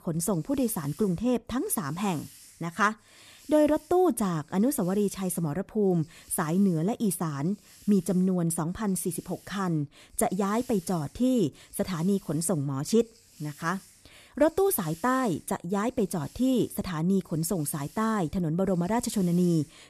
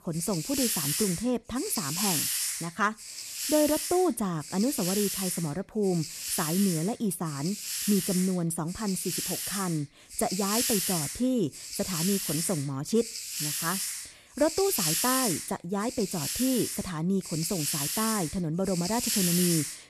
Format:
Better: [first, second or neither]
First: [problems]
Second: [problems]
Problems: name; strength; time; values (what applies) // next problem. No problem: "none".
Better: first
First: hiss; faint; throughout; 25 dB below the speech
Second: hiss; loud; throughout; 1 dB below the speech